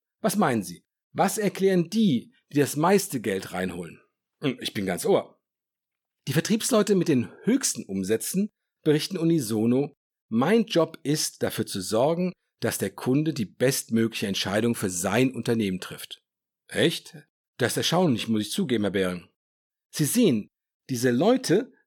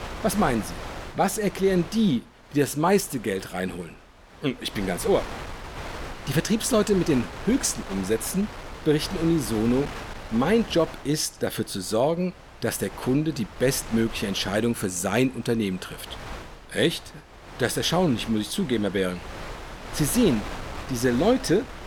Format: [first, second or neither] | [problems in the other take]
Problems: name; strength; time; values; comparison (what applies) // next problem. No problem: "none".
first | wind noise on the microphone; occasional gusts; 10 dB below the speech